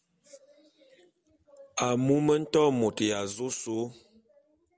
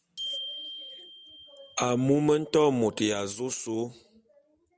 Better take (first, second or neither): first